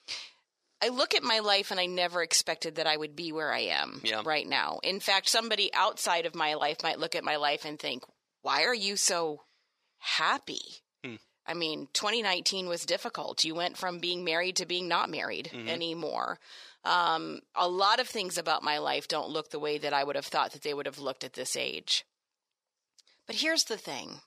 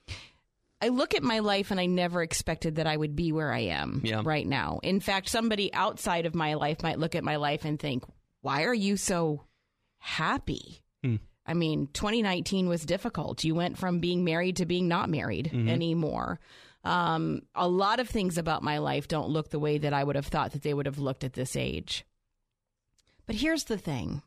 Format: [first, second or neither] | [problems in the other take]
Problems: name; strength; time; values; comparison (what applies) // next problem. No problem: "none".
second | thin; very; fading below 500 Hz